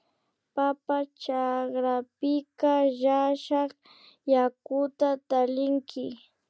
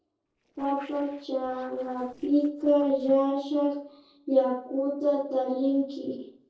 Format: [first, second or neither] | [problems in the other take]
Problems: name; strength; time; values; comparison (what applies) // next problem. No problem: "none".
first | noise reduction (neural separator model SepFormer DNS4)